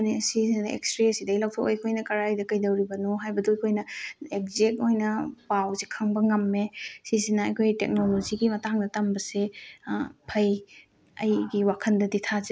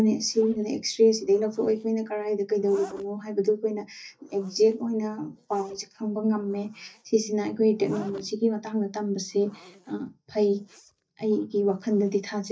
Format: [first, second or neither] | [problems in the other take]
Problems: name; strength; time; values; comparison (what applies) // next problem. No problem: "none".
first | noise reduction (neural mask model DeepFilterNet 3)